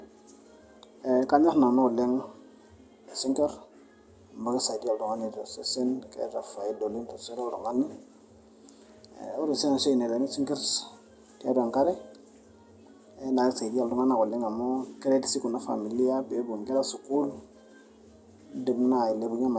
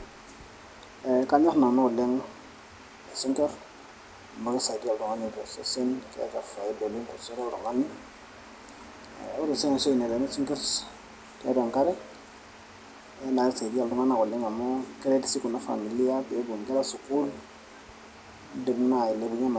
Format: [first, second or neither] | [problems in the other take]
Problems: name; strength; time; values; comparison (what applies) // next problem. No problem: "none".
first | background sound (Water); 20 dB below the speech